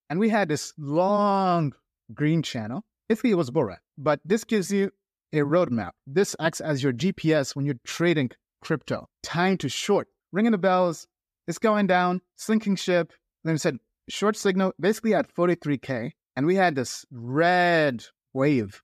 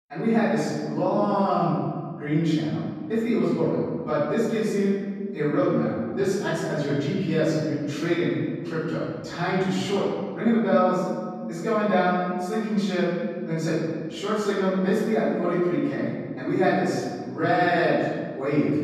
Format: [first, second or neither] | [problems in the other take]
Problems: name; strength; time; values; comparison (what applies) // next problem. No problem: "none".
first | room echo; strong; dies away in 1.9 s // off-mic speech; far